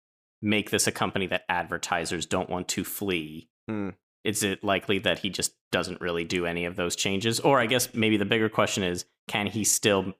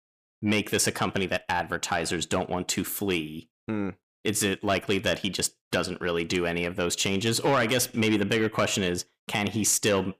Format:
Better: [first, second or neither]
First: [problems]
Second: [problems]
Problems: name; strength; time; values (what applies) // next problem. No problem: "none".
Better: first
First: none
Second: distortion; slight; 10 dB below the speech